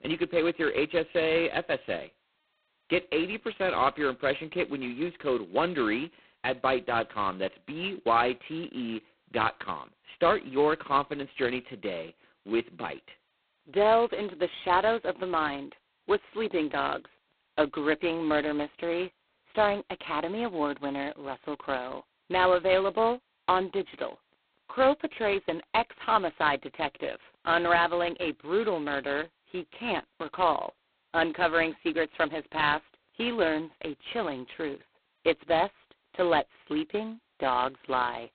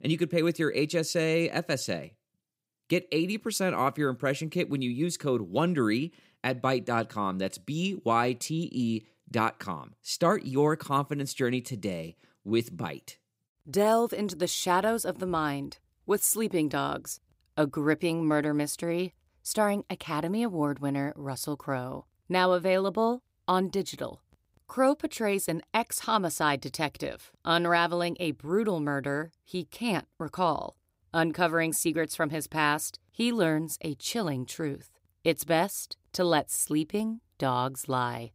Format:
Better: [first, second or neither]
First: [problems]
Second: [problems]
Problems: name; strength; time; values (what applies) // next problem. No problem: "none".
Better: second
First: phone-call audio; poor line; nothing above 4 kHz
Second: none